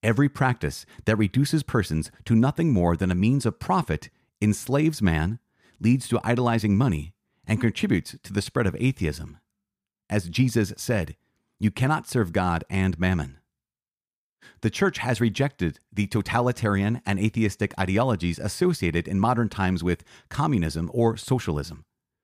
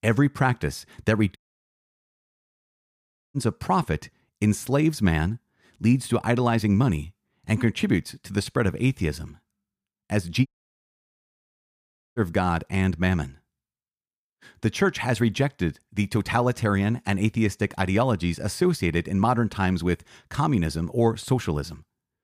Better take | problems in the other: first | audio cutting out; at 1.5 s for 2 s and at 10 s for 1.5 s

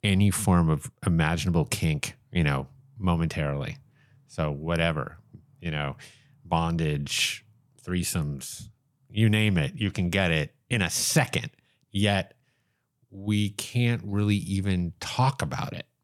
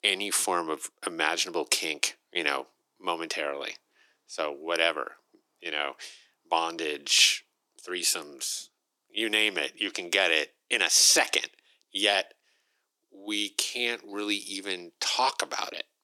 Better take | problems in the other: first | thin; very; fading below 300 Hz

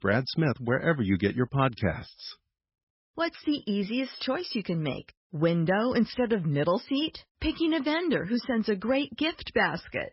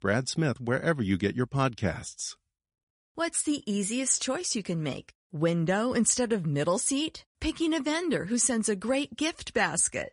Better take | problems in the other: second | garbled, watery; badly; nothing above 5.5 kHz; slightly in the second

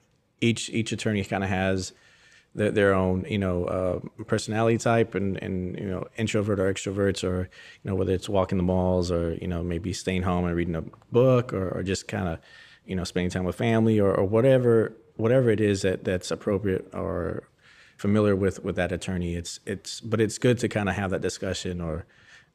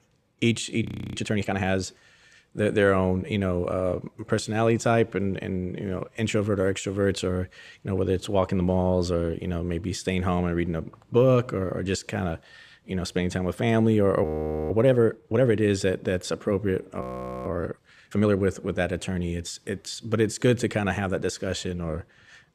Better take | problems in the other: first | audio freezing; at 1 s, at 14 s and at 17 s

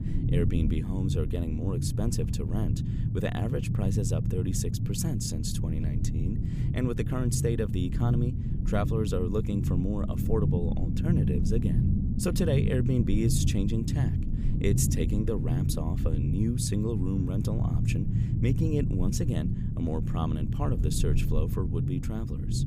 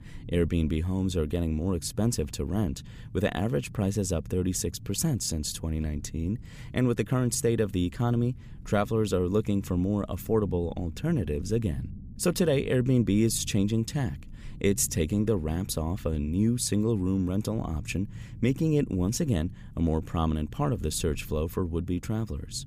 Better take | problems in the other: second | low rumble; loud; throughout; 4 dB below the speech; faint in the second

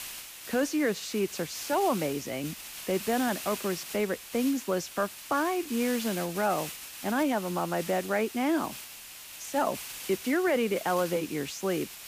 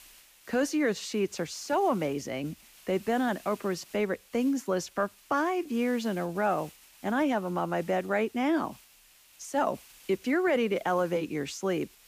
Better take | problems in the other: second | hiss; loud; throughout; 10 dB below the speech; faint in the second

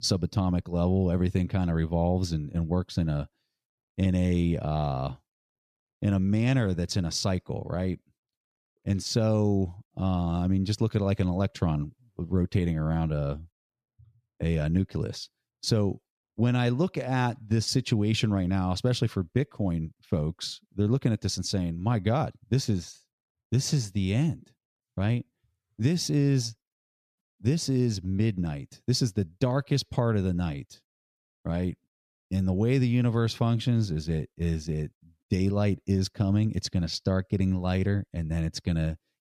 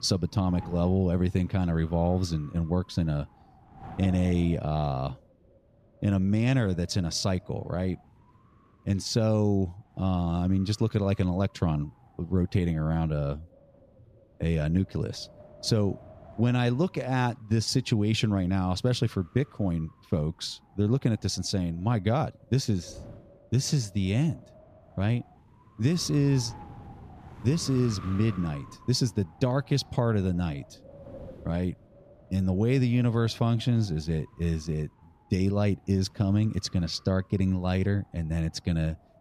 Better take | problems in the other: first | wind noise on the microphone; occasional gusts; 20 dB below the speech

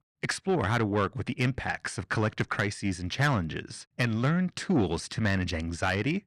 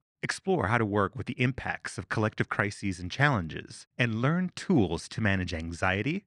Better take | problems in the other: second | distortion; slight; 10 dB below the speech

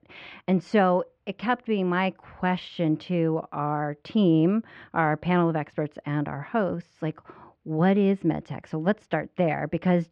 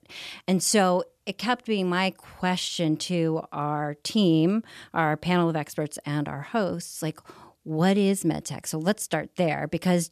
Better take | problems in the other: second | muffled; very; fading above 2.5 kHz

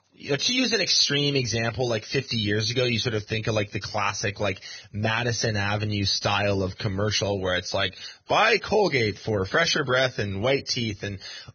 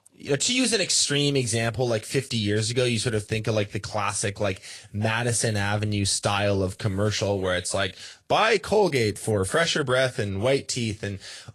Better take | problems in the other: second | garbled, watery; badly; nothing above 6.5 kHz; slightly in the second

